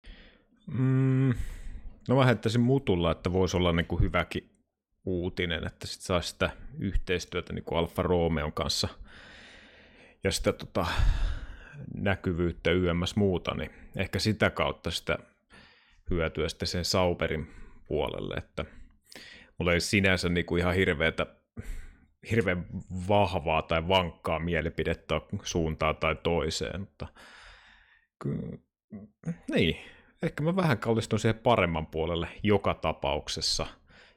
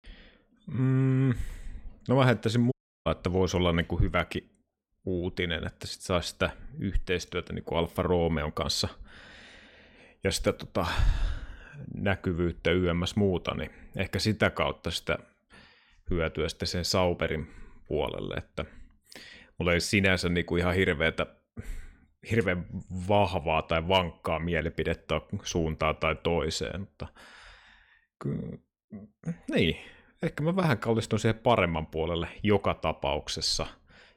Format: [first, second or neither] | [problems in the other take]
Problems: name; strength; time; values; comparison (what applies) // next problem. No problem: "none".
first | audio cutting out; at 2.5 s